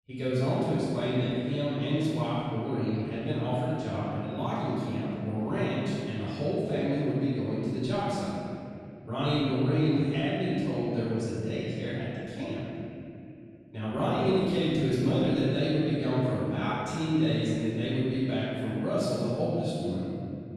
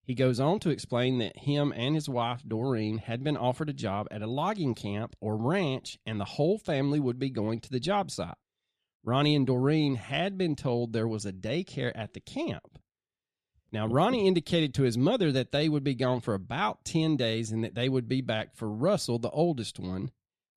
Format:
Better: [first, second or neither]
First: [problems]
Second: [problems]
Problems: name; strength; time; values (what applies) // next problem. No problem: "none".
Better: second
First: room echo; strong; dies away in 2.6 s // off-mic speech; far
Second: none